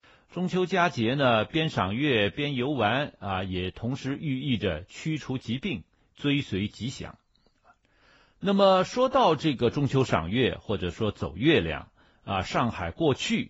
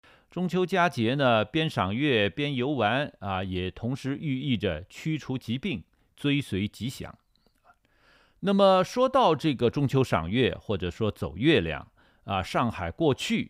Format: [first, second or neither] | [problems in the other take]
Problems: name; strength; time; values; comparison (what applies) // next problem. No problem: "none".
second | garbled, watery; badly; nothing above 7.5 kHz